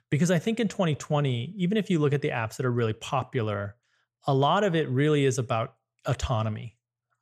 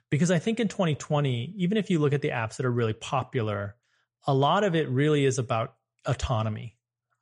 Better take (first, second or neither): first